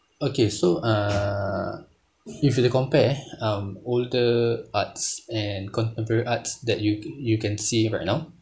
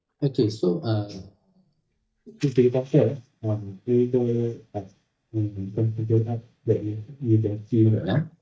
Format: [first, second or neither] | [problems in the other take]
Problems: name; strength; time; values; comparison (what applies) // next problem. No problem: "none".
first | noise reduction (neural mask model DeepFilterNet 3)